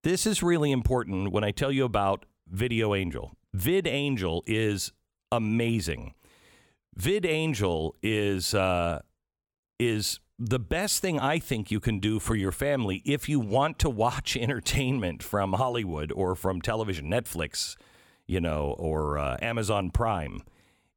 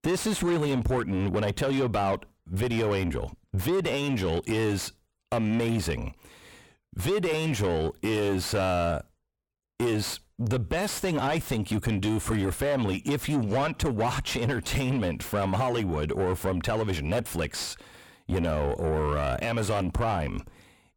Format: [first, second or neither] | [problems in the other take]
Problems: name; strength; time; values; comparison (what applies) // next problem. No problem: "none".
first | distortion; heavy; 7 dB below the speech